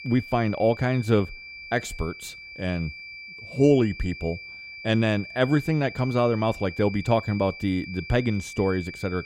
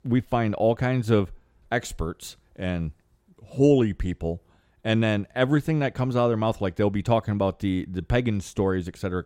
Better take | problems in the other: second | high-pitched whine; noticeable; throughout; 2.5 kHz, 15 dB below the speech

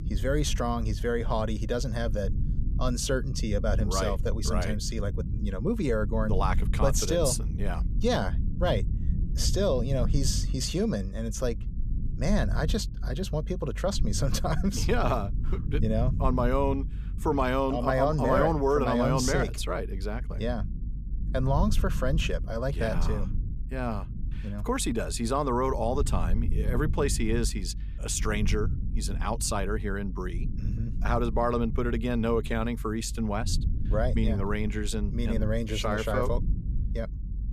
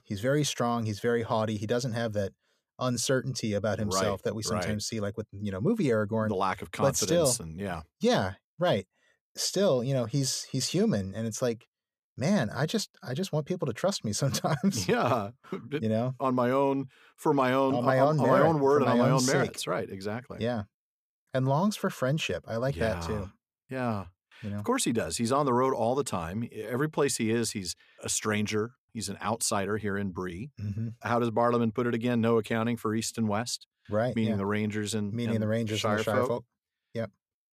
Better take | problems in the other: second | low rumble; noticeable; throughout; 15 dB below the speech

